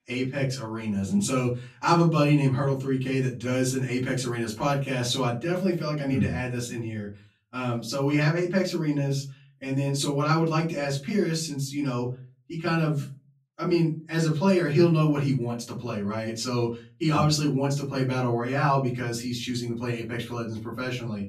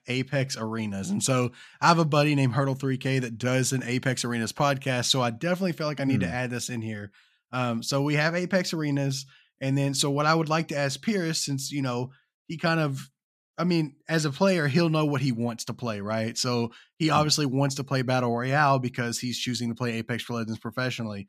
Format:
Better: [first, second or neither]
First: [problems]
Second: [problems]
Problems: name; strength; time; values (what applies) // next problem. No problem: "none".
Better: second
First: off-mic speech; far // room echo; very slight; dies away in 0.3 s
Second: none